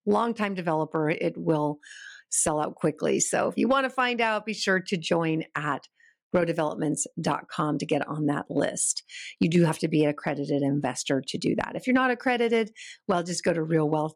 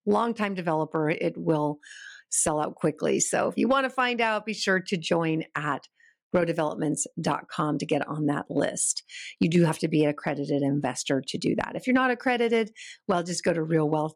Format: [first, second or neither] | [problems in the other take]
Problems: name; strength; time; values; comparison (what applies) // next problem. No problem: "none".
neither | none